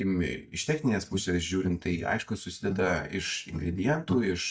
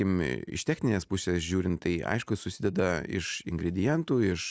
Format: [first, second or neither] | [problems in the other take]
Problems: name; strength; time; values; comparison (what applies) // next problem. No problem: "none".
second | noise reduction (neural mask model DeepFilterNet 3)